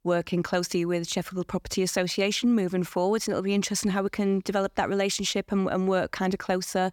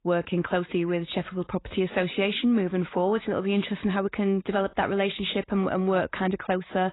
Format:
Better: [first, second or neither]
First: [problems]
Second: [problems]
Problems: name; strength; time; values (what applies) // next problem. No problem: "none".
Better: first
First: none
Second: garbled, watery; badly; nothing above 4 kHz